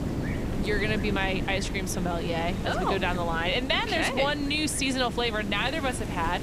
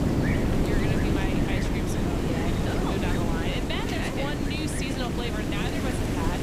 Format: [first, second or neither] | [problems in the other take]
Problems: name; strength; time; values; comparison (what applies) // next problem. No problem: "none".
first | wind noise on the microphone; heavy; 3 dB above the speech; occasional gusts in the first